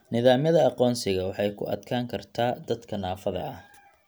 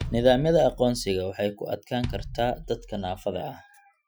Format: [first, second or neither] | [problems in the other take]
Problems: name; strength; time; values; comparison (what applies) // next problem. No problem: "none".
first | noise reduction (classical method Wiener filter)